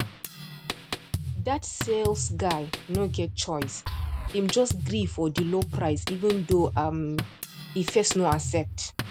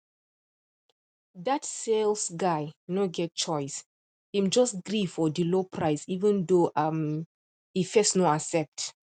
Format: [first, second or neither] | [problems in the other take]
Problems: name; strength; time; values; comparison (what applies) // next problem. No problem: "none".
second | background sound (Drum kit); 5 dB below the speech